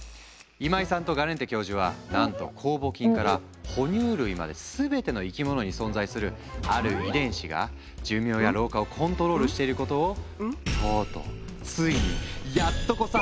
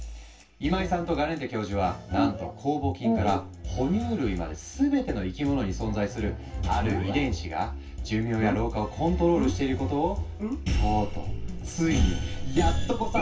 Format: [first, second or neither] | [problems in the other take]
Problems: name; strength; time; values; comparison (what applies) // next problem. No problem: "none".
first | room echo; dies away in 0.2 s